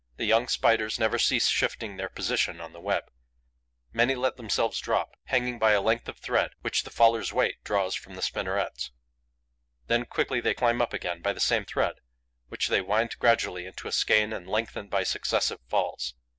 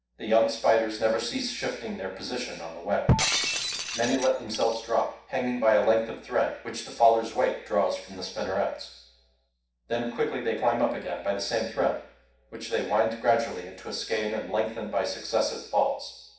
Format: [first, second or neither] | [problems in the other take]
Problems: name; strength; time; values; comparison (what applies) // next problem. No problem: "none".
first | background sound (Shatter); 3 dB below the speech // room echo; dies away in 0.7 s